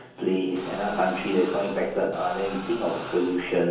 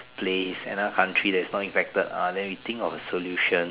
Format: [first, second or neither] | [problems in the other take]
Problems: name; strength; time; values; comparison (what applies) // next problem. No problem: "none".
second | background sound (Crowd); 13 dB below the speech // room echo; dies away in 0.7 s